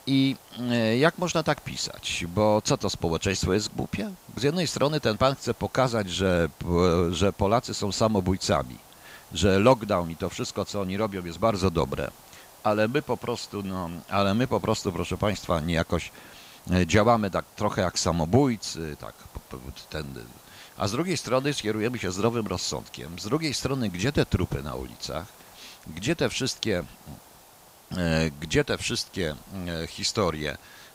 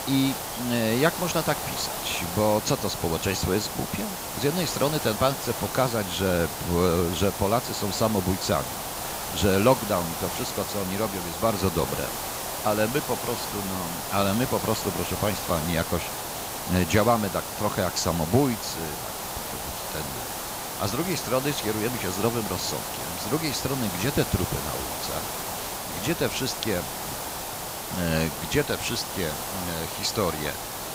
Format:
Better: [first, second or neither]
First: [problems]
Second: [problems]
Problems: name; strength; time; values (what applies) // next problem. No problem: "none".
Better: first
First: hiss; faint; throughout; 25 dB below the speech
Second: hiss; loud; throughout; 4 dB below the speech